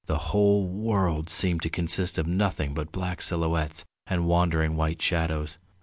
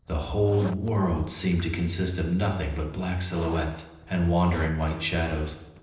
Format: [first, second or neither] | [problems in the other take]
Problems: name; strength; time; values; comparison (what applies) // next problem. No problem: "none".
first | noise reduction (neural separator model SepFormer DNS4)